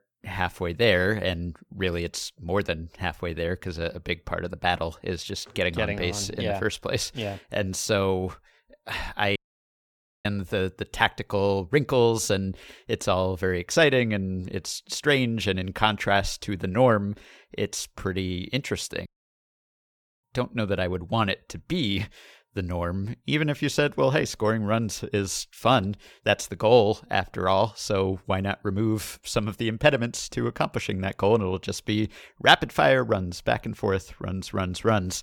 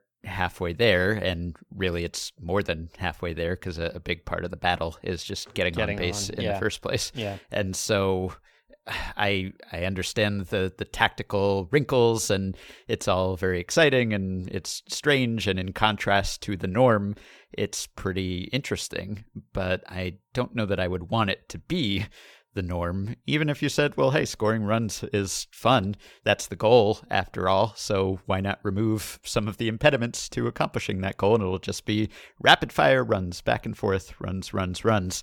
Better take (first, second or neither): second